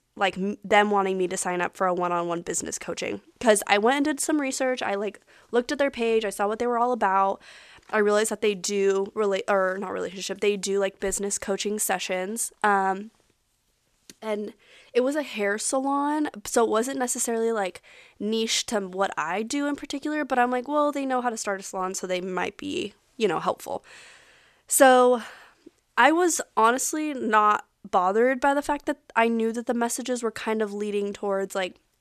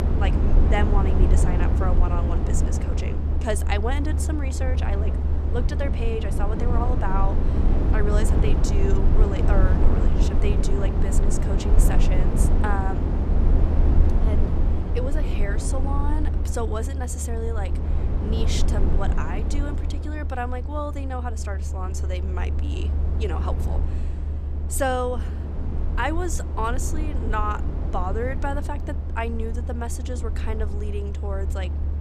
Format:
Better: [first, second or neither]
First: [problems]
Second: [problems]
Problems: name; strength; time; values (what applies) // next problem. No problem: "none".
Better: first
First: none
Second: low rumble; loud; throughout; 4 dB below the speech